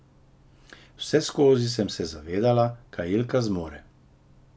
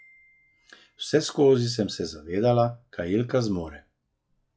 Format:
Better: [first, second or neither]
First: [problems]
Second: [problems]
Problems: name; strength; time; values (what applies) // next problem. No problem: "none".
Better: first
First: none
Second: noise reduction (classical method log-MMSE)